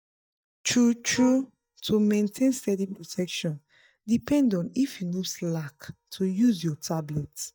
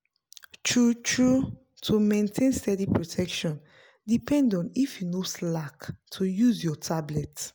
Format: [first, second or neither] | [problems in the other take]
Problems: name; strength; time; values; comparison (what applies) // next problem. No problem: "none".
second | noise reduction (neural mask model DeepFilterNet 3)